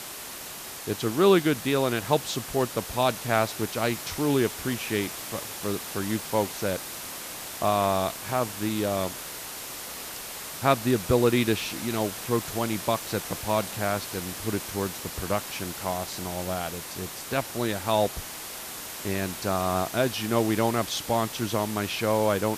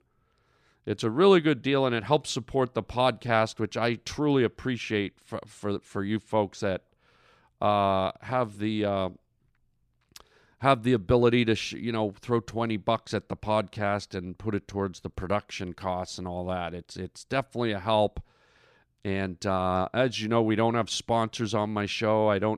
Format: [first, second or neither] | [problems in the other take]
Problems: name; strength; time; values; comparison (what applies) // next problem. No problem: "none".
second | hiss; loud; throughout; 8 dB below the speech